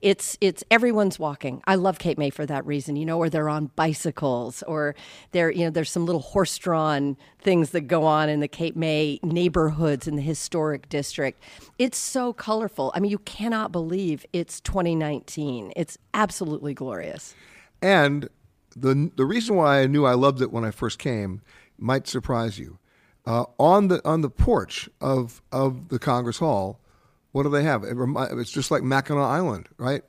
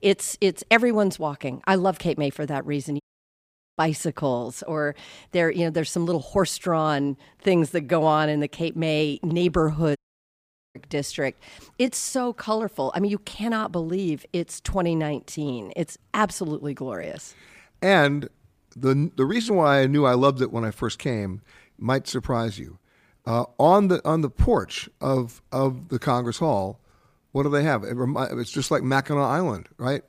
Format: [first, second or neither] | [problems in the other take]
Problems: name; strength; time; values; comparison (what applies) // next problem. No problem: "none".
first | audio cutting out; at 3 s for 1 s and at 10 s for 1 s